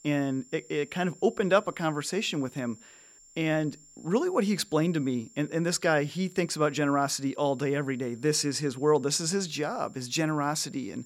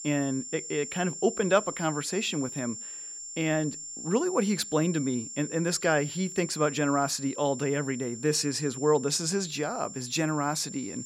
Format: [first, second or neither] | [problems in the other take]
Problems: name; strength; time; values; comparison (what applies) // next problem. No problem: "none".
first | high-pitched whine; loud; throughout; 7.5 kHz, 9 dB below the speech; faint in the first